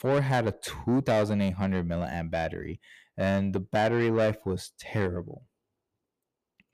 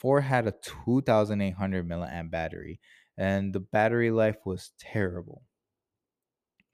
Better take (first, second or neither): second